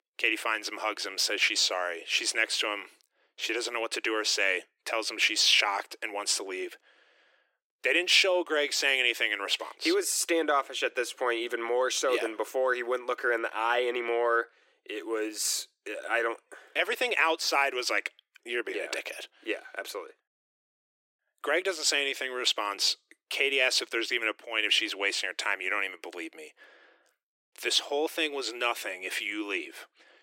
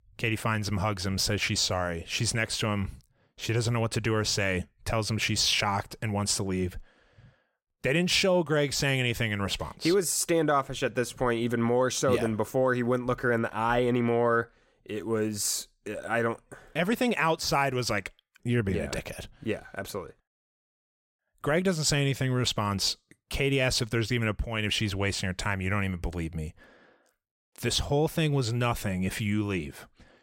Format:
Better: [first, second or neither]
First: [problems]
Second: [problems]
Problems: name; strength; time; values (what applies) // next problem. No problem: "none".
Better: second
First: thin; very; fading below 300 Hz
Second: none